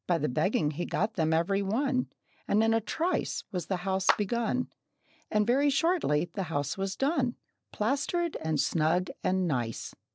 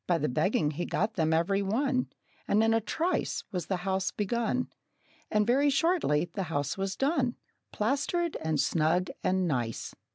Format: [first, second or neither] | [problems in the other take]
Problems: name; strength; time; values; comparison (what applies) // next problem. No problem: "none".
second | noise reduction (neural separator model SepFormer DNS4)